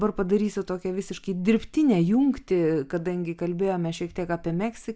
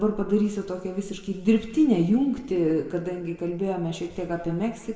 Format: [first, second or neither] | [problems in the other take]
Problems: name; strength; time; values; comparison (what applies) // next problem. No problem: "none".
first | room echo; dies away in 1.6 s